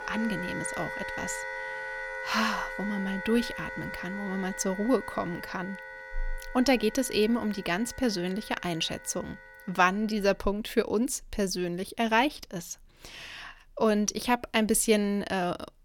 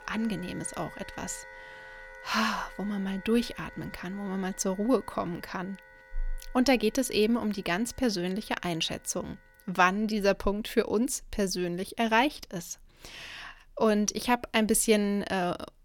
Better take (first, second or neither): second